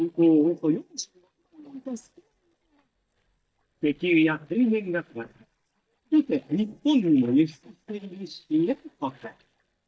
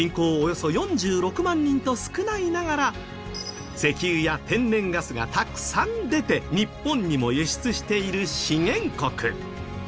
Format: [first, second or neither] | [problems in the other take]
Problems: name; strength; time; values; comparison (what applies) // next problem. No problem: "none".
second | noise reduction (neural mask model DeepFilterNet 3)